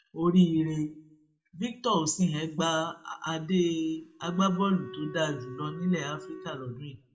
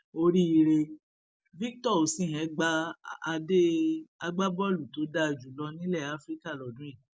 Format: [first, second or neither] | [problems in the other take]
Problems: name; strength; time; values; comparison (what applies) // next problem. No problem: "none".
second | background sound (Wind instrument, woodwind instrument); 15 dB below the speech // room echo; dies away in 0.3 s